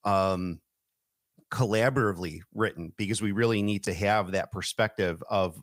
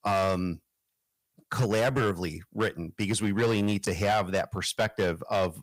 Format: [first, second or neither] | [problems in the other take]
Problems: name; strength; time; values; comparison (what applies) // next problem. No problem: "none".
first | distortion; slight; 6% of the sound clipped